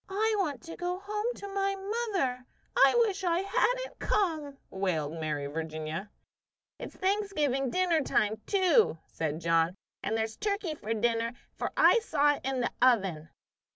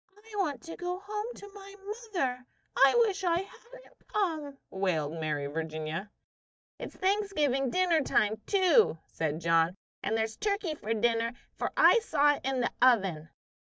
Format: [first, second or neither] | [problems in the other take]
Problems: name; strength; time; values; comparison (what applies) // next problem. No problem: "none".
first | noise reduction (neural mask model DeepFilterNet 3)